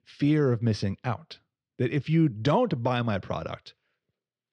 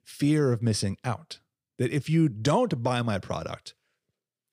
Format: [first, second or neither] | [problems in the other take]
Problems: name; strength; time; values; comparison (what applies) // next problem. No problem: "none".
second | muffled; very slightly; fading above 4 kHz